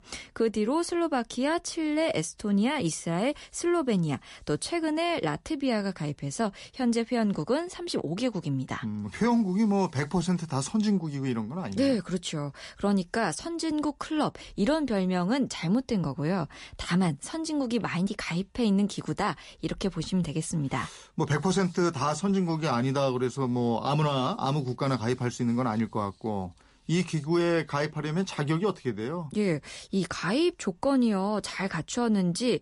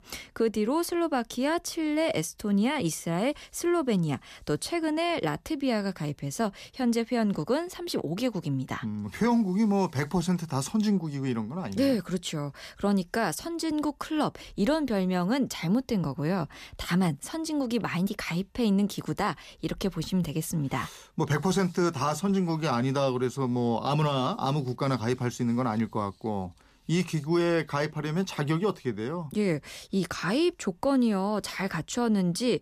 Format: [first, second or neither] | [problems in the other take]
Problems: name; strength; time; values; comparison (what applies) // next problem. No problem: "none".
second | garbled, watery; slightly; nothing above 11 kHz